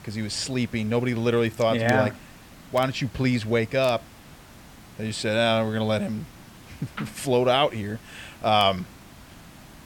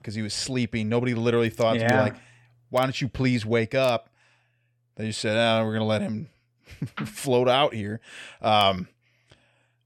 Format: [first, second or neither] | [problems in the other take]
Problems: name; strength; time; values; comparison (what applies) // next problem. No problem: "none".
second | hiss; faint; throughout; 20 dB below the speech